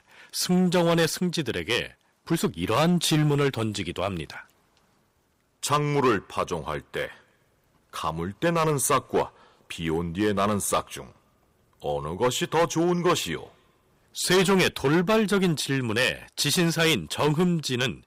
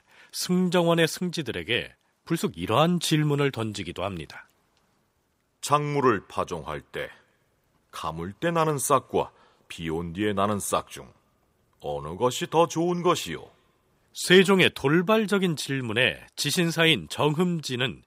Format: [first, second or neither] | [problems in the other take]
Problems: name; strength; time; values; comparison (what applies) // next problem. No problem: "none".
second | distortion; heavy; 5% of the sound clipped